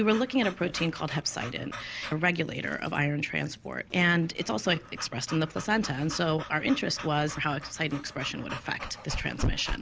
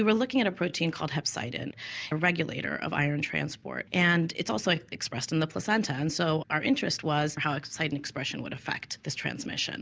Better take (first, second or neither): second